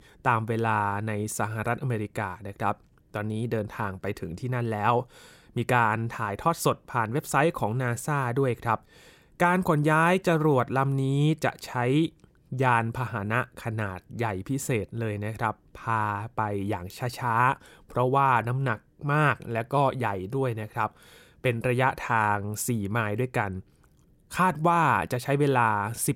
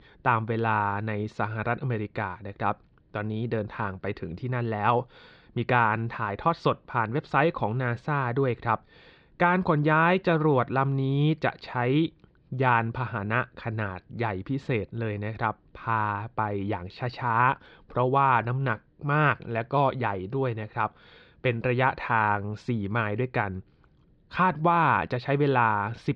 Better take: first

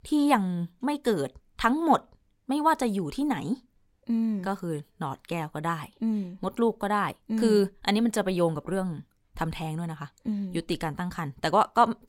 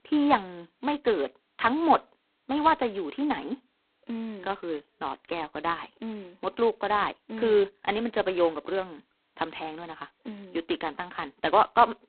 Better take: first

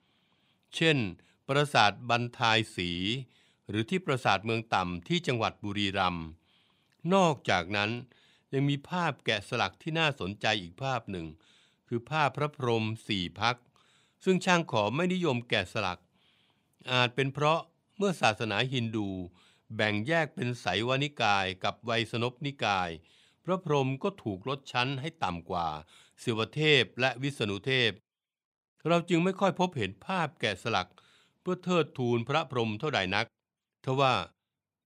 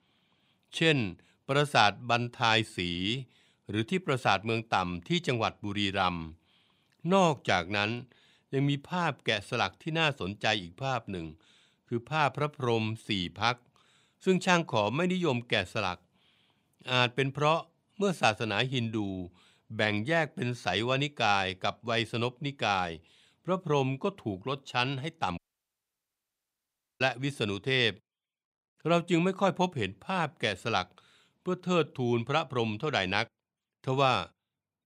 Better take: first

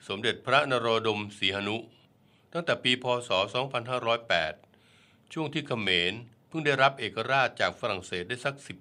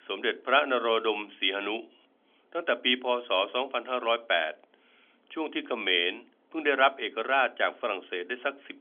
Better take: first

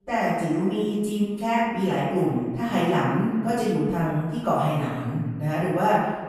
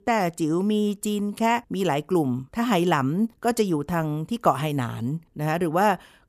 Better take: second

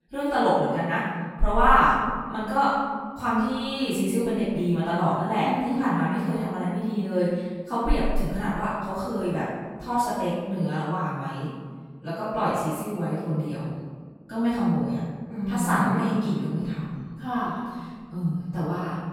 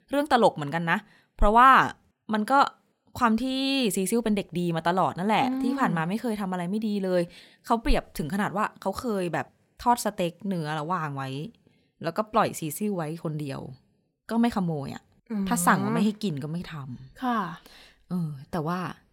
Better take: second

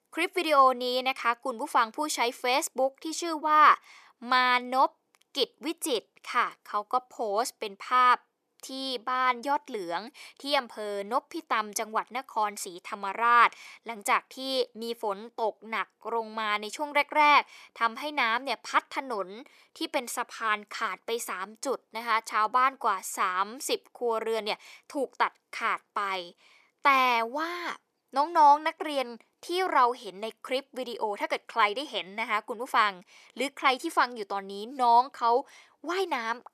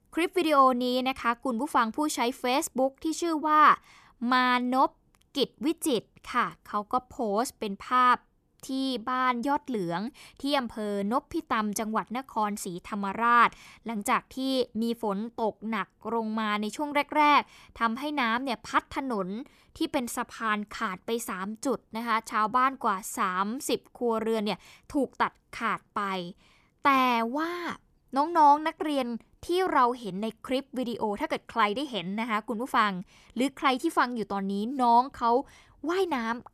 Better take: second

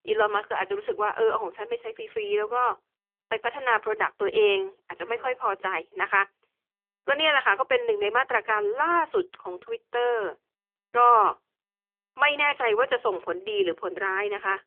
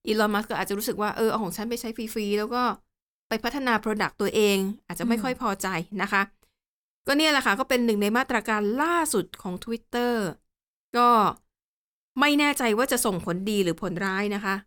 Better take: second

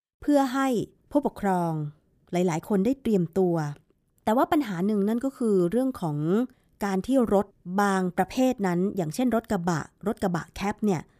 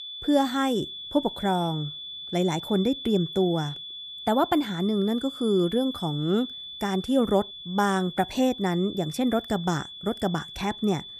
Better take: first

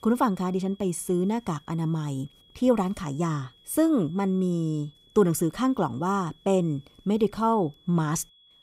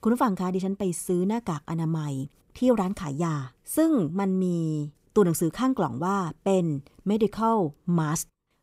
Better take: second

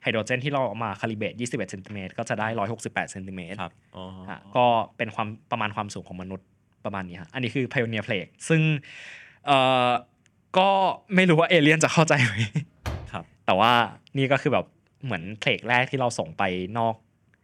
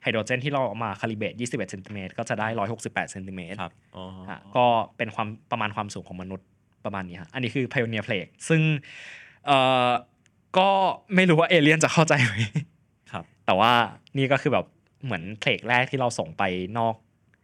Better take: second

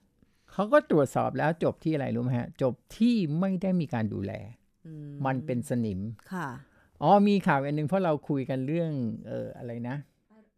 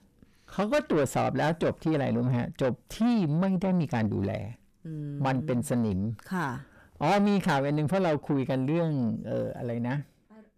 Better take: first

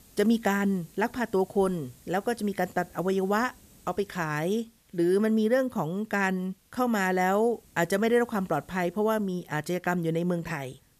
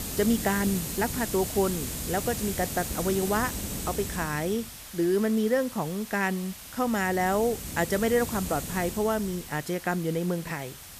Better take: first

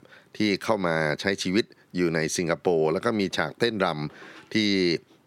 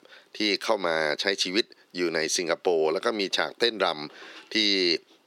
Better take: first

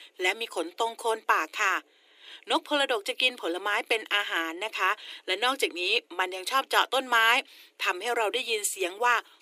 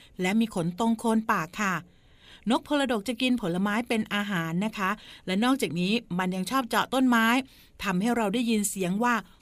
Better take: second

